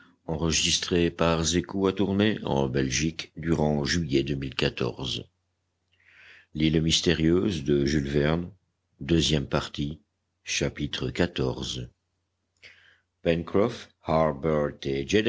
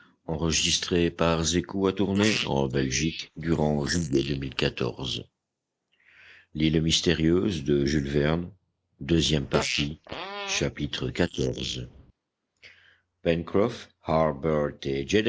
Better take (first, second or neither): first